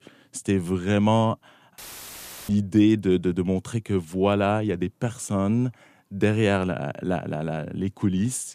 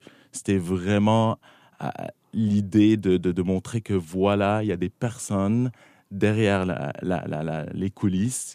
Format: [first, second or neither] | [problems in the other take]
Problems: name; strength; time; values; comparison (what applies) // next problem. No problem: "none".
second | audio cutting out; filled with static; at 2 s for 0.5 s